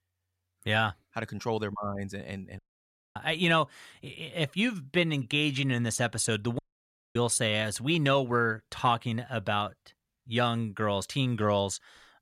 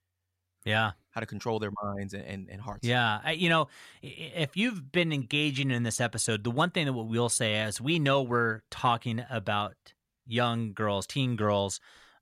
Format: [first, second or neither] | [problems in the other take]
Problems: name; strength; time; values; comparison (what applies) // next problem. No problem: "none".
second | audio cutting out; at 2.5 s for 0.5 s and at 6.5 s for 0.5 s